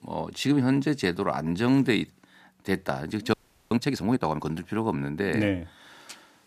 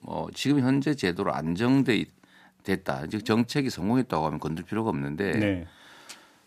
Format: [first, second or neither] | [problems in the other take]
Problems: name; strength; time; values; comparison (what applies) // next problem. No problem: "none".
second | audio freezing; at 3.5 s